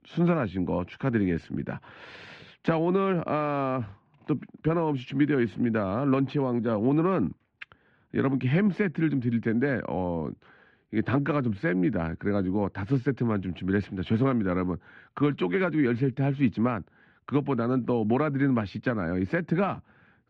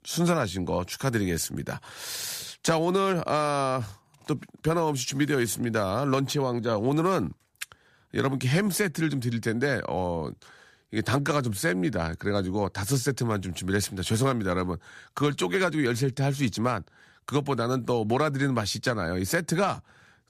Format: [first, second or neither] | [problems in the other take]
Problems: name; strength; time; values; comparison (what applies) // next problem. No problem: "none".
second | muffled; very; fading above 2.5 kHz